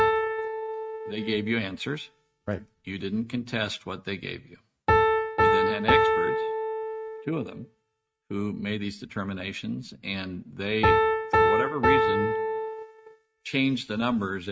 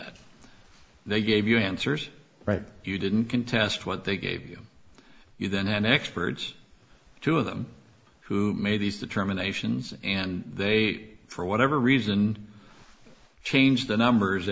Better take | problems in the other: second | noise reduction (neural mask model RNNoise)

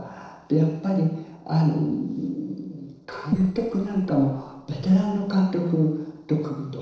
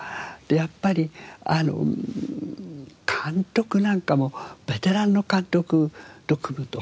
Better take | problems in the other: second | noise reduction (neural separator model SepFormer DNS4)

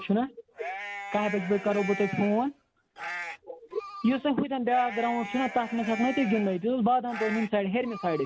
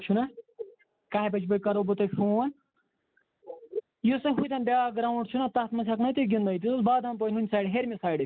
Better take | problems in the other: second | background sound (Livestock, farm animals, working animals); 11 dB below the speech

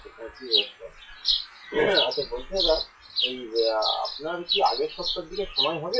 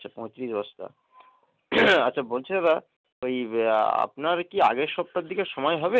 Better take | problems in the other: second | noise reduction (classical method WPE with log-MMSE)

